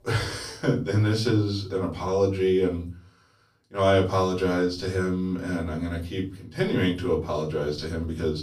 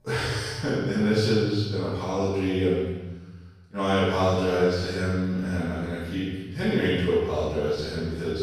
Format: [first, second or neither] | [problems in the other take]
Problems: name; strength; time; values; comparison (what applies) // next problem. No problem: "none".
first | room echo; strong; dies away in 1.2 s; slight in the first // off-mic speech; far; far in the first